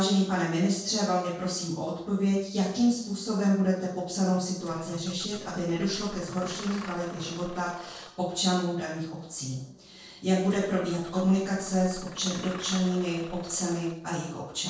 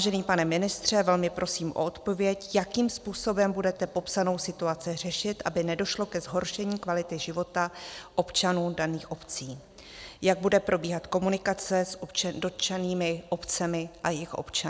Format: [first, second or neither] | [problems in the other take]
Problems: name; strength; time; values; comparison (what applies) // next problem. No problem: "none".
second | noise reduction (neural separator model SepFormer DNS4)